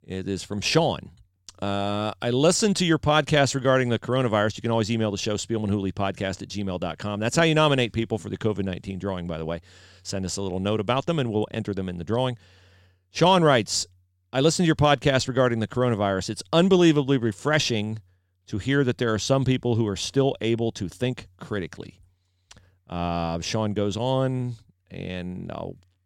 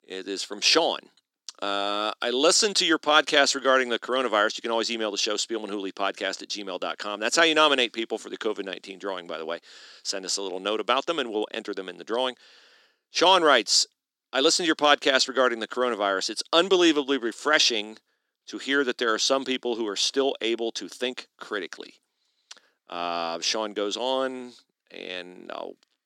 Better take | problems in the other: first | thin; somewhat; fading below 300 Hz

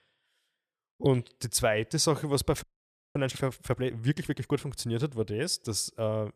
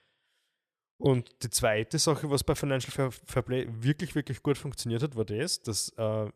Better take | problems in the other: second | audio freezing; at 2.5 s for 0.5 s

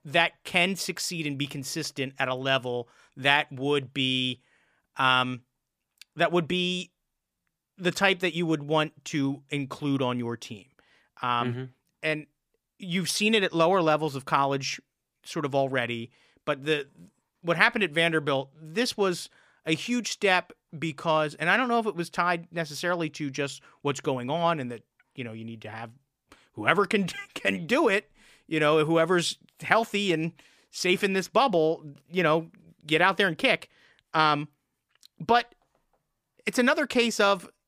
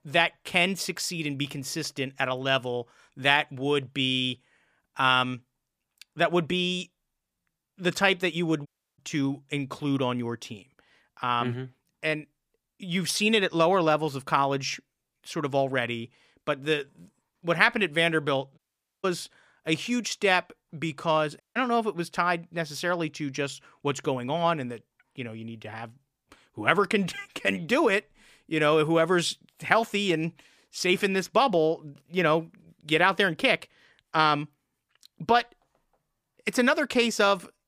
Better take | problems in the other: first | audio cutting out; at 8.5 s, at 19 s and at 21 s

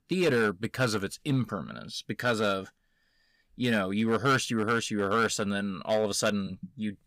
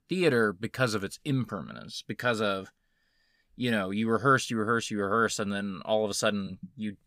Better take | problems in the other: second | distortion; slight; 4% of the sound clipped

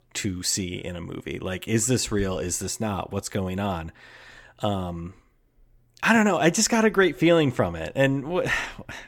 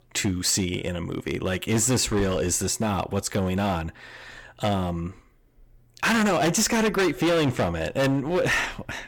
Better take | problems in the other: first | distortion; heavy; 13% of the sound clipped

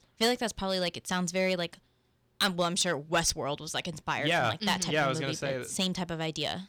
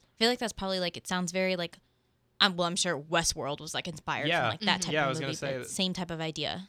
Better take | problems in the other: second | distortion; slight; 1.5% of the sound clipped

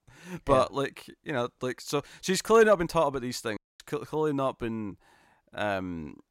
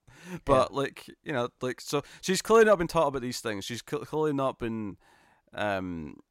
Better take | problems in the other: second | audio cutting out; at 3.5 s

